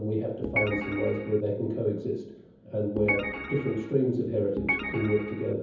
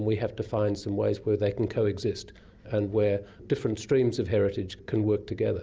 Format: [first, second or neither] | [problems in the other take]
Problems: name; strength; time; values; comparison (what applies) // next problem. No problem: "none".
second | background sound (Organ); 4 dB below the speech // room echo; dies away in 0.7 s